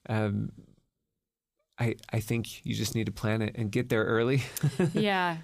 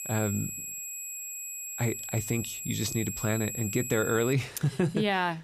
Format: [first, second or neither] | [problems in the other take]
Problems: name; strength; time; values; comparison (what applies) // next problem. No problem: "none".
first | high-pitched whine; loud; until 4.5 s; 7.5 kHz, 5 dB below the speech